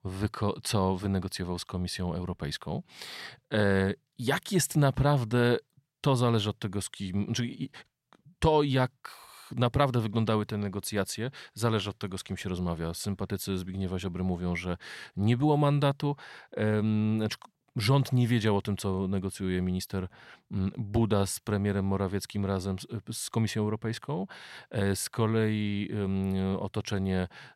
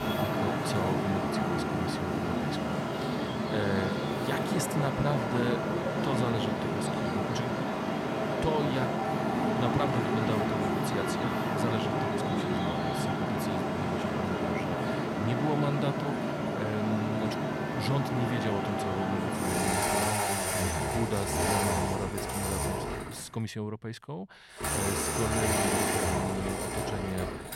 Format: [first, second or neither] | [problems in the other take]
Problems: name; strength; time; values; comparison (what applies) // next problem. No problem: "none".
first | traffic noise; very loud; throughout; 5 dB above the speech